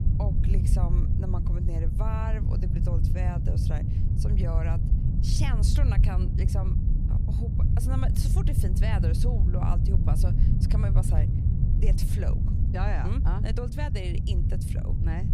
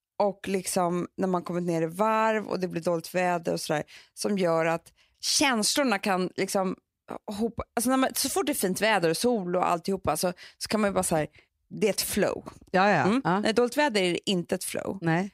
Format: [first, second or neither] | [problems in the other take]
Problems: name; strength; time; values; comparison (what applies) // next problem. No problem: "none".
second | low rumble; loud; throughout; 1 dB below the speech